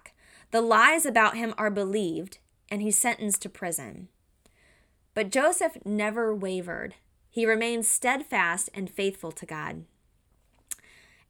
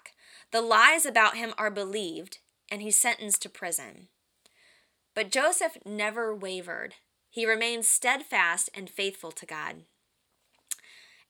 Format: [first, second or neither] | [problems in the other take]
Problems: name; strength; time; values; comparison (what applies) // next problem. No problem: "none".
first | thin; somewhat; fading below 600 Hz